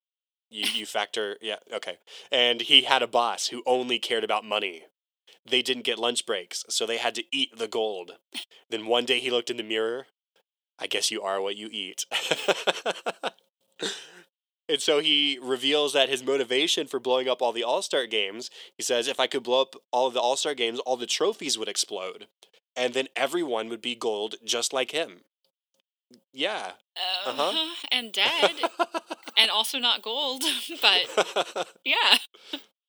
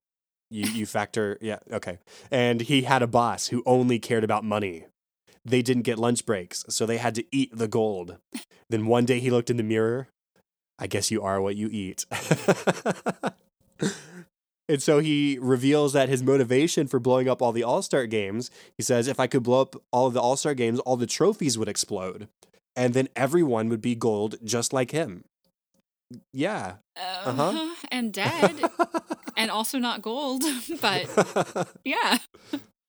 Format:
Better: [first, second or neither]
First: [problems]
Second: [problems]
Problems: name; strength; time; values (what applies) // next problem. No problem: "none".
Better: second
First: thin; somewhat; fading below 500 Hz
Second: none